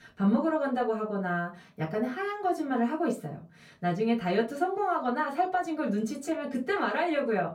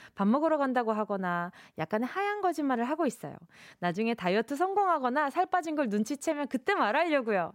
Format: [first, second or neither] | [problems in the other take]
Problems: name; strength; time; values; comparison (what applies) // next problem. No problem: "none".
second | off-mic speech; far // room echo; very slight; dies away in 0.2 s